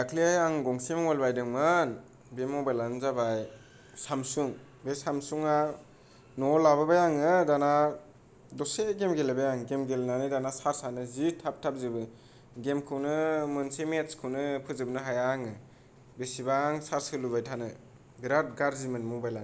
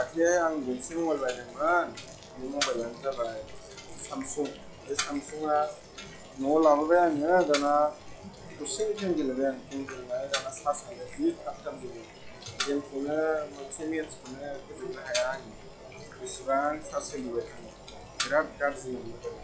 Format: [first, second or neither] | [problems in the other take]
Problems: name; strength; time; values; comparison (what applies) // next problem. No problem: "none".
first | noise reduction (classical method log-MMSE)